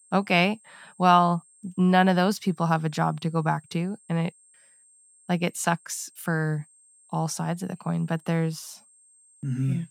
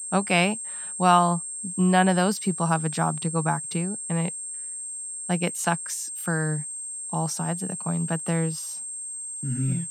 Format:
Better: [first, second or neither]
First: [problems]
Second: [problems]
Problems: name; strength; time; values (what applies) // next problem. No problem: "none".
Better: first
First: high-pitched whine; faint; throughout; 8.5 kHz, 30 dB below the speech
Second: high-pitched whine; loud; throughout; 8.5 kHz, 6 dB below the speech